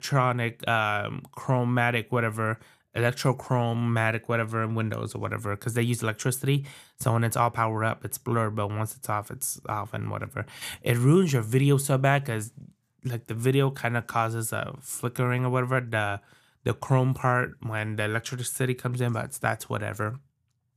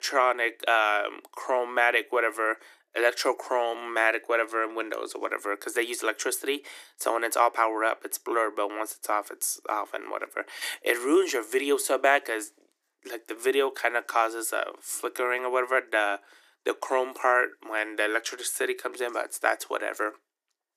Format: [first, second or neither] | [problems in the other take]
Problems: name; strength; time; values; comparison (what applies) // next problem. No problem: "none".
first | thin; very; fading below 300 Hz